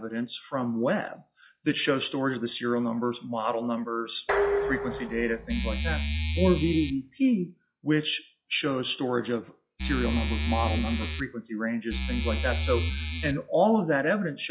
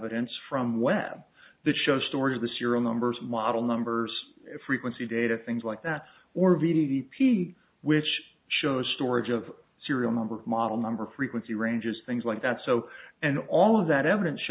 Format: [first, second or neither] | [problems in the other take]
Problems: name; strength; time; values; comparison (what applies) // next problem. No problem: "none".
second | noise reduction (classical method log-MMSE)